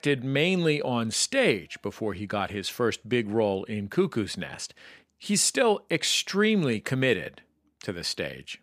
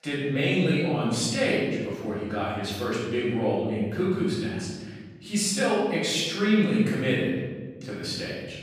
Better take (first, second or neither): first